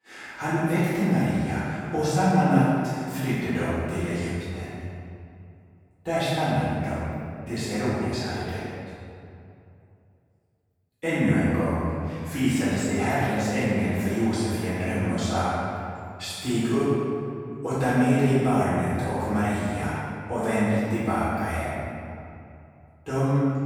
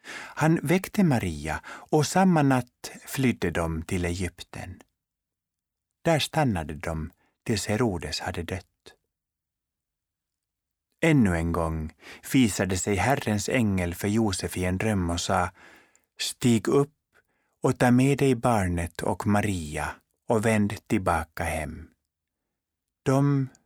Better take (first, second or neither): second